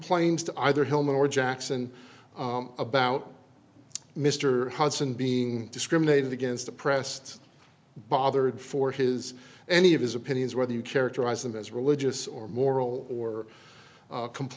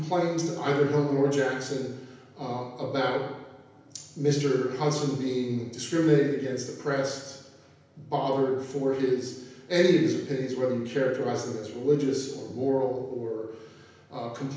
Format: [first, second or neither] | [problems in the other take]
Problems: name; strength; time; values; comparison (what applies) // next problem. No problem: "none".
first | room echo; dies away in 0.9 s